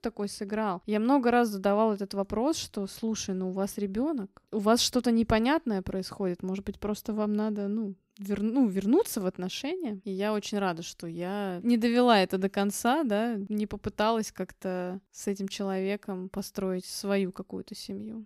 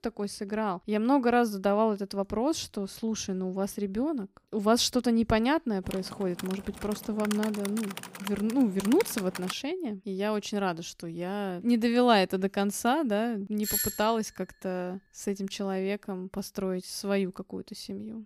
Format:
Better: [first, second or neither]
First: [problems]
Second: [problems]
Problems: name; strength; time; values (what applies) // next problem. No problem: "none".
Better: first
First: none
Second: keyboard typing; noticeable; from 6 to 9.5 s; peak 8 dB below the speech // doorbell; loud; at 14 s; peak 1 dB above the speech